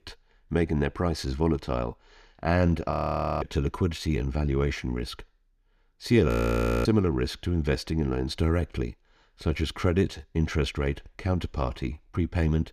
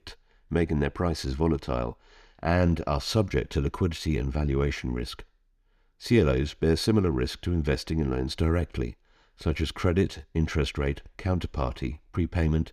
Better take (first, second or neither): second